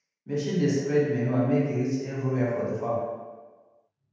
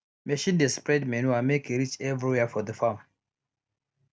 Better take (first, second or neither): second